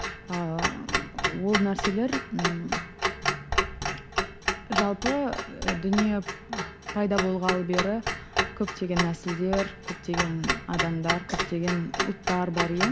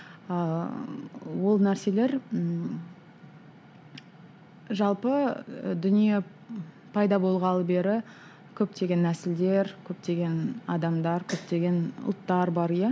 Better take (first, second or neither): second